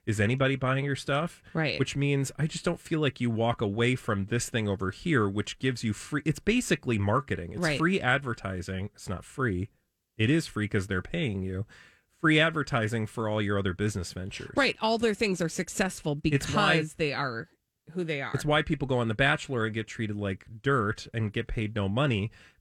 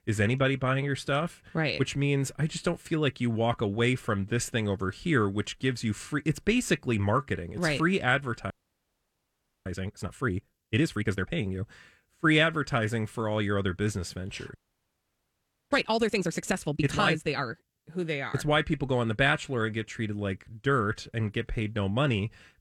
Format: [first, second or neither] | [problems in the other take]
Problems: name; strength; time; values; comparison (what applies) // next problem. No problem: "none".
first | audio freezing; at 8.5 s for 1 s and at 15 s for 1 s